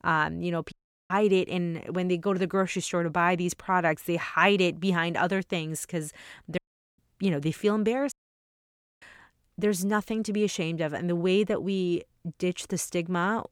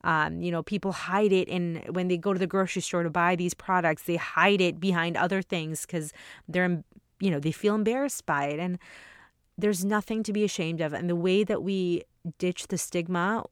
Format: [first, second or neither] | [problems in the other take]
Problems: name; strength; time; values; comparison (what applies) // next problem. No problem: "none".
second | audio cutting out; at 0.5 s, at 6.5 s and at 8 s for 1 s